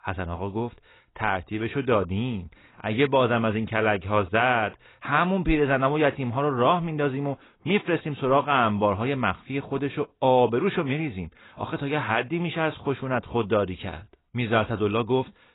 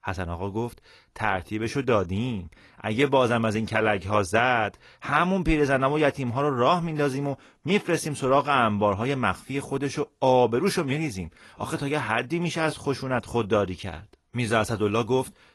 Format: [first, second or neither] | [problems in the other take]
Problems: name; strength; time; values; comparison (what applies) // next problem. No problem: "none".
second | garbled, watery; badly; nothing above 4 kHz; slightly in the second